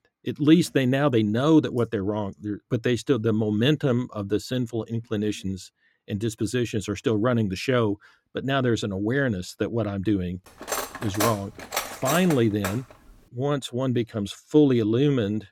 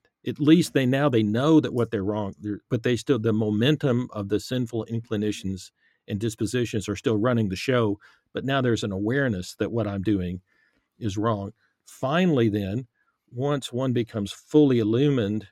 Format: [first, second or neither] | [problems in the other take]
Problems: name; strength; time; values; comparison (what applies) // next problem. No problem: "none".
second | clattering dishes; noticeable; from 11 to 13 s; peak 3 dB below the speech